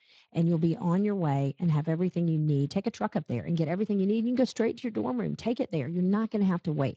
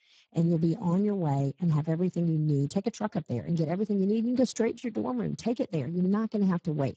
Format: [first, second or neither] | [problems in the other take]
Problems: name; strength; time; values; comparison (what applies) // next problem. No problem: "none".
first | garbled, watery; badly; nothing above 7.5 kHz; slightly in the first